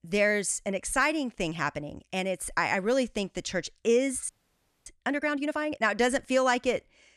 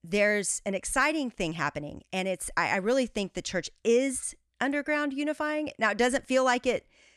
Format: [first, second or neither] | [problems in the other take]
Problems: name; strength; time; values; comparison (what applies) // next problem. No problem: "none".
second | audio freezing; at 4.5 s for 0.5 s